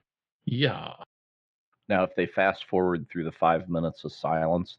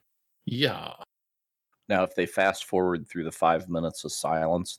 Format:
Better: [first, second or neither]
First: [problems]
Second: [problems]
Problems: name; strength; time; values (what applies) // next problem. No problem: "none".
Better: second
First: muffled; slightly; fading above 3.5 kHz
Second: none